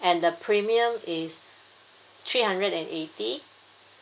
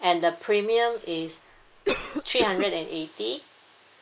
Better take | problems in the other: first | noise reduction (neural mask model Resemble Enhance denoiser)

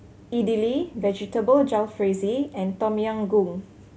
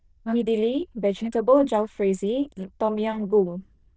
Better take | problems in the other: first | noise reduction (neural diffusion model UNIVERSE++)

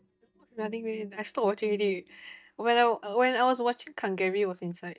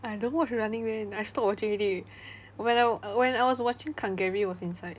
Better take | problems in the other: second | noise reduction (neural mask model DeepFilterNet 3)

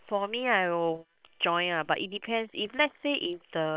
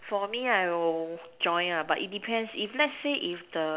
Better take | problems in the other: second | noise reduction (neural separator model SepFormer WHAM!)

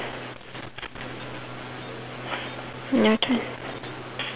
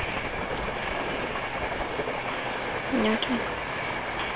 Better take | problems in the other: first | background sound (Train); 4 dB above the speech

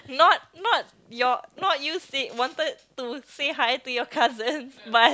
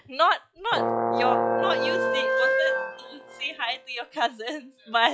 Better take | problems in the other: first | noise reduction (classical method log-MMSE)

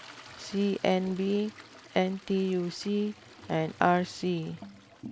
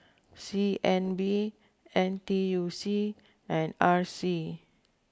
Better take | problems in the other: second | background sound (Toilet flush); 19 dB below the speech

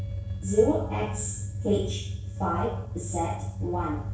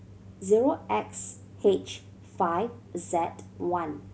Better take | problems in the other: second | noise reduction (neural separator model SepFormer DNS4)

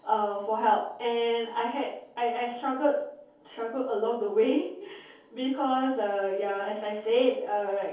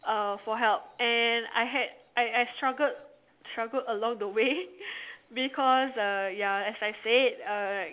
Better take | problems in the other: second | room echo; dies away in 0.6 s

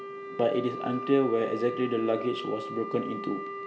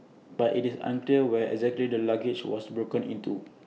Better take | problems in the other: second | background sound (Wind instrument, woodwind instrument); 8 dB below the speech

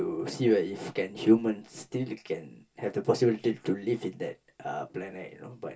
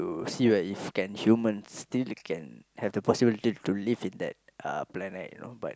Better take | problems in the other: second | room echo; dies away in 0.1 s

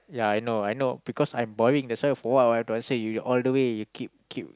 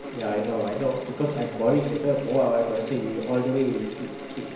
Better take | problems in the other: first | background sound (Mechanical fan); 12 dB below the speech // room echo; dies away in 1 s

